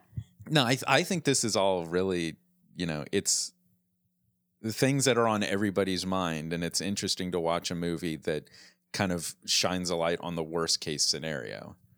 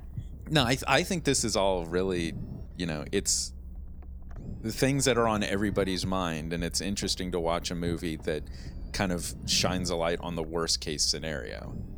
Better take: first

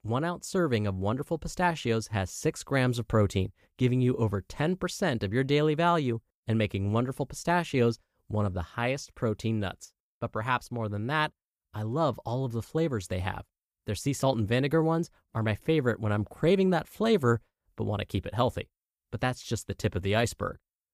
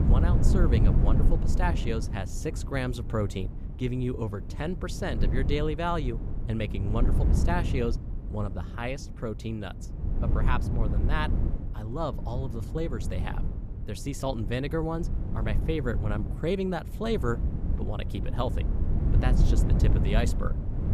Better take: first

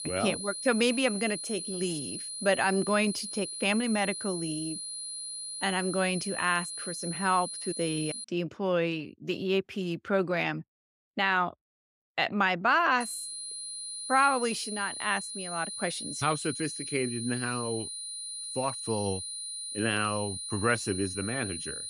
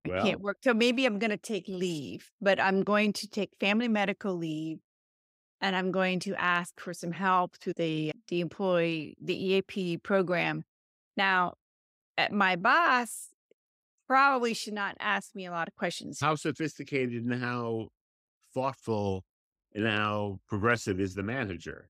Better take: second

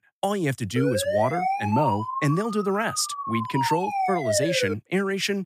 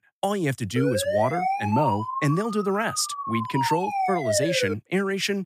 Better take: neither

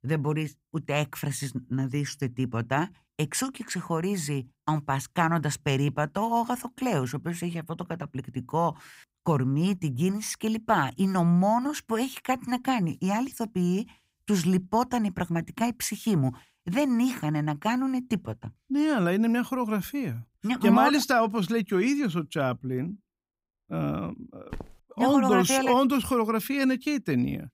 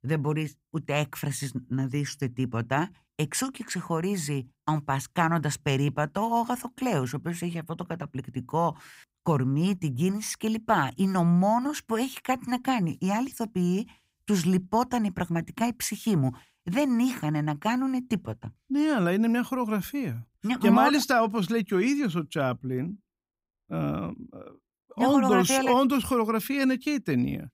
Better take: second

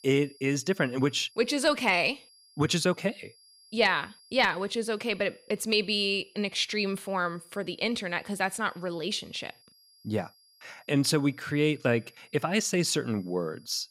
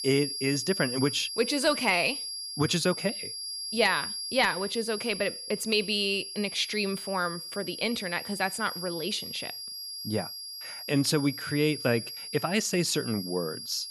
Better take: first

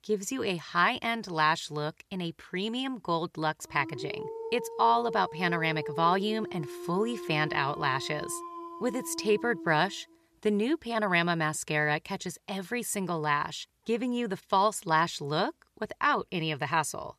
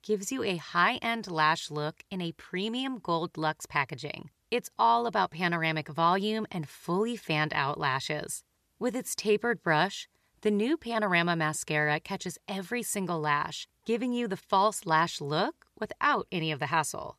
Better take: second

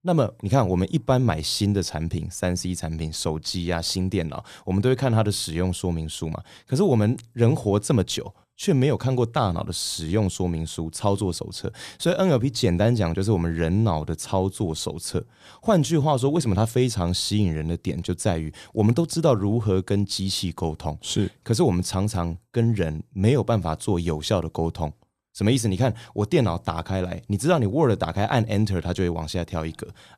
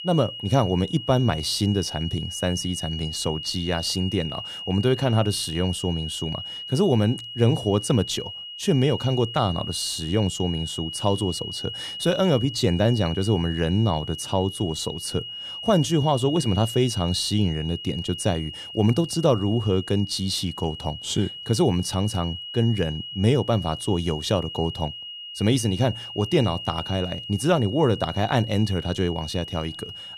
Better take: first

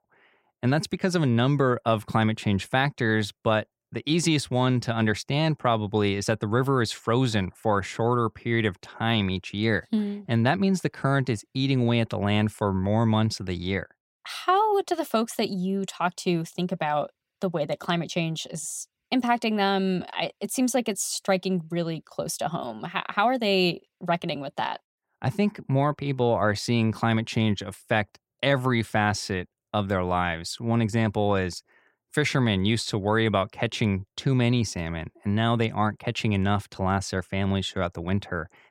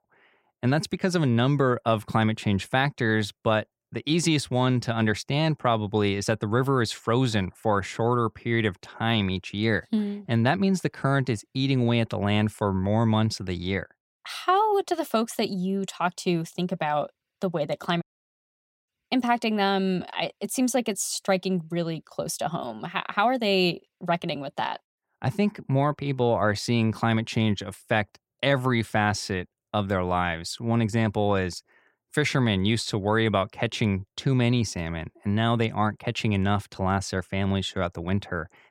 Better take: first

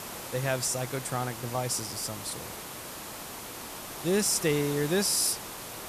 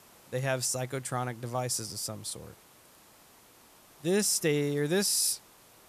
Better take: second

